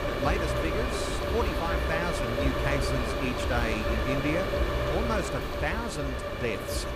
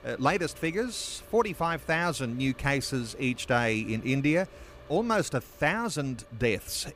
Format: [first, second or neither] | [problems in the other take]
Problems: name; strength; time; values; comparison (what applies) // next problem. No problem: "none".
second | wind noise on the microphone; heavy; 2 dB above the speech; occasional gusts in the second